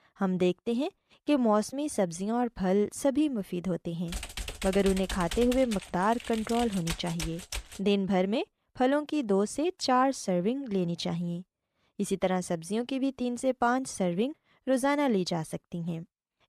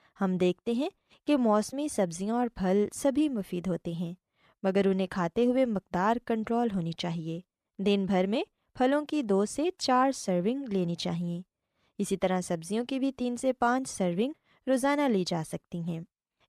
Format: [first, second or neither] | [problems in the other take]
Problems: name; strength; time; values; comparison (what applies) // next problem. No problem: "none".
second | keyboard typing; noticeable; from 4 to 8 s; peak 7 dB below the speech